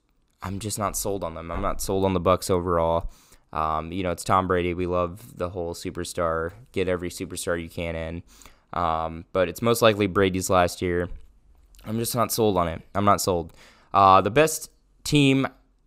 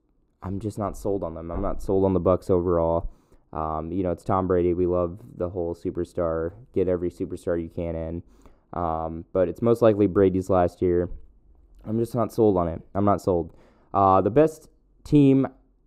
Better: first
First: none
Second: muffled; very; fading above 1.5 kHz

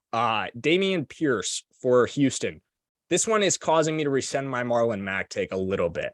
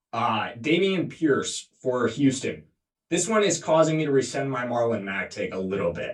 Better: first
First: none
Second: off-mic speech; far // room echo; very slight; dies away in 0.2 s

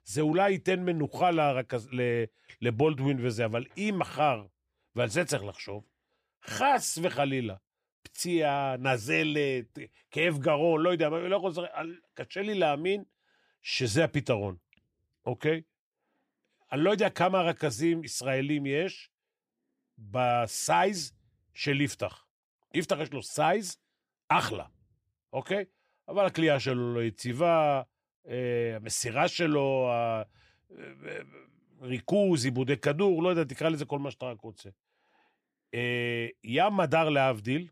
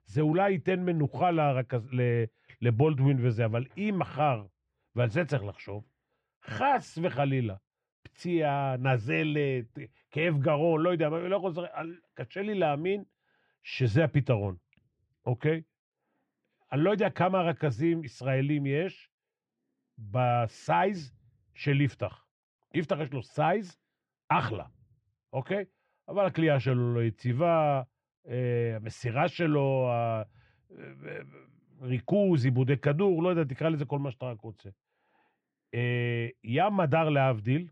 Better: first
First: none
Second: muffled; slightly; fading above 2.5 kHz

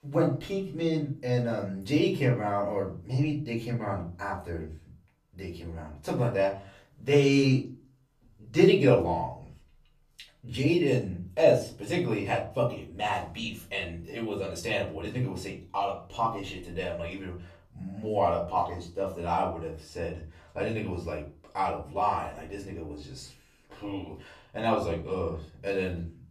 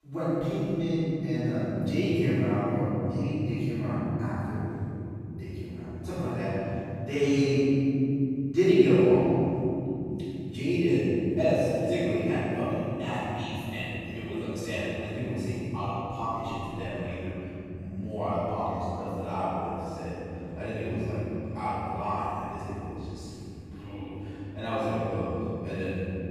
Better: first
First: room echo; slight; dies away in 0.3 s // off-mic speech; far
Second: room echo; strong; dies away in 3 s // off-mic speech; far

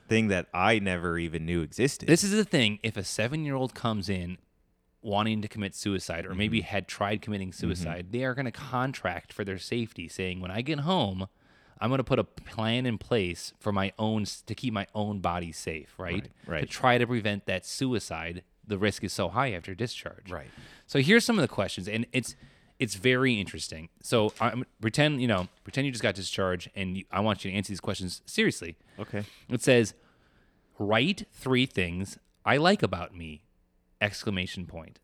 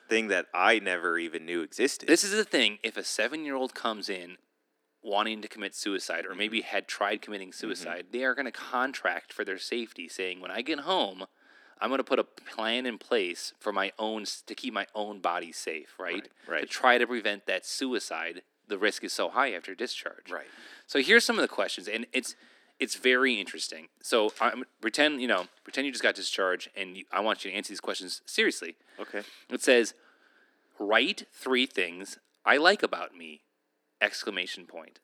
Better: first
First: none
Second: thin; somewhat; fading below 250 Hz

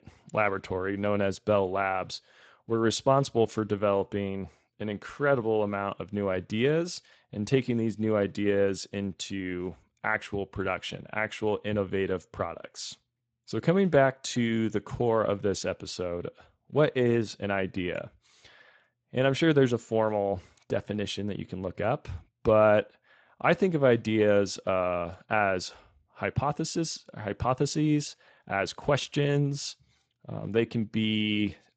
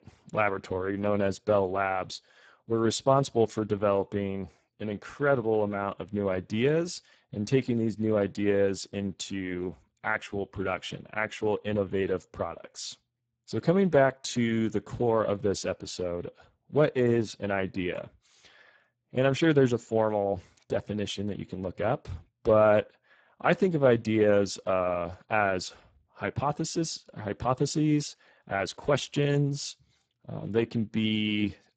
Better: first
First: garbled, watery; slightly; nothing above 8 kHz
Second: garbled, watery; badly; nothing above 8 kHz

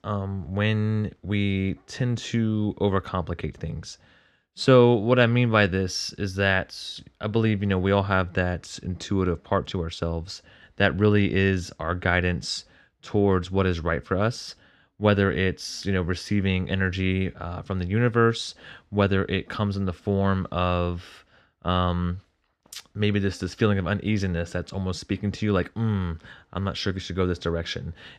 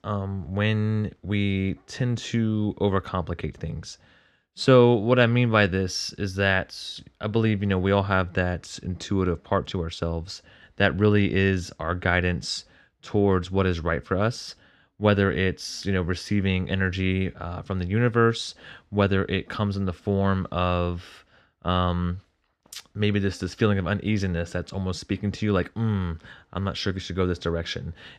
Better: neither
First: none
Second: none

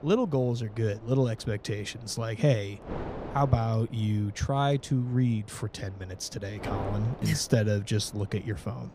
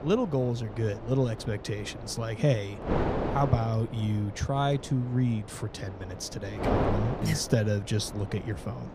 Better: first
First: wind noise on the microphone; occasional gusts; 15 dB below the speech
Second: wind noise on the microphone; heavy; 4 dB below the speech

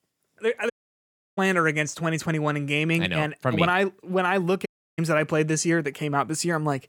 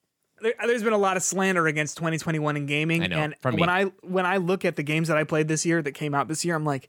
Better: second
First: audio cutting out; at 0.5 s for 0.5 s and at 4.5 s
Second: none

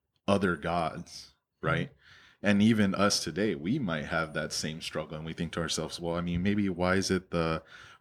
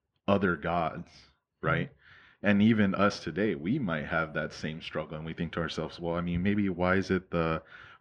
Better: first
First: none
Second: muffled; slightly; fading above 2.5 kHz

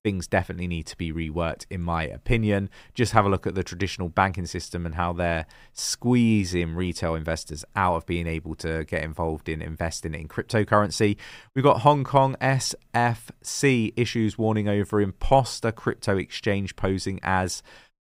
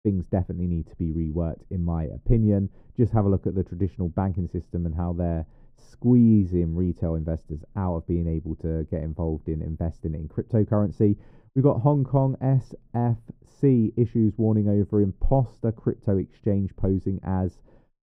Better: first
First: none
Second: muffled; very; fading above 1 kHz

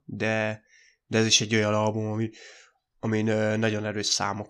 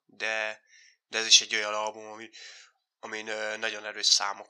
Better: first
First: none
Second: thin; very; fading below 800 Hz

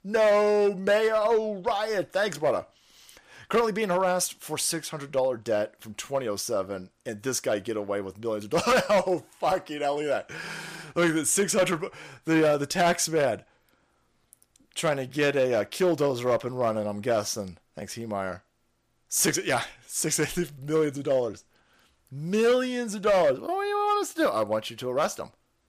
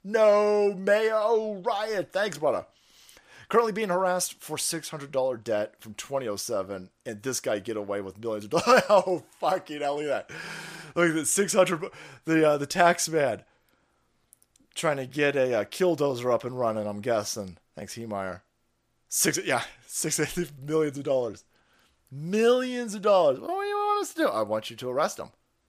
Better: second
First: distortion; slight; 4% of the sound clipped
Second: none

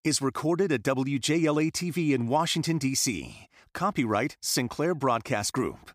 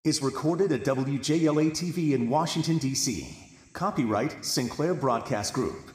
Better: first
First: none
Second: room echo; very slight; dies away in 1.2 s

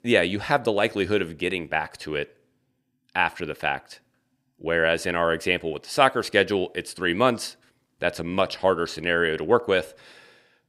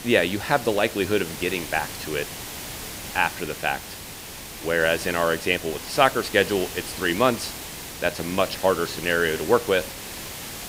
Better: first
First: none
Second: hiss; noticeable; throughout; 10 dB below the speech

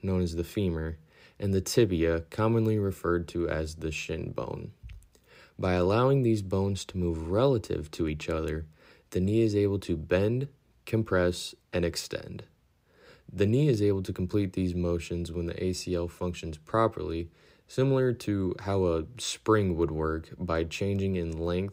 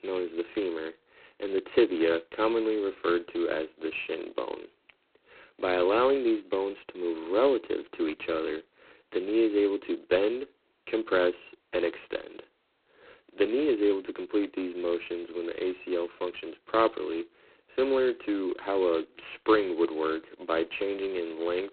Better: first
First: none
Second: phone-call audio; poor line; nothing above 4 kHz

